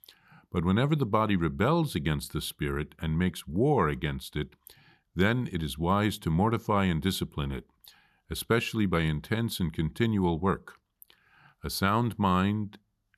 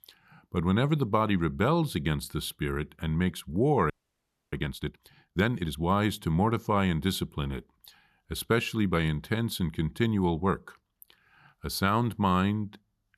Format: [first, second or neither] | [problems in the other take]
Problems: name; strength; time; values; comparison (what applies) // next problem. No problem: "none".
first | audio freezing; at 4 s for 0.5 s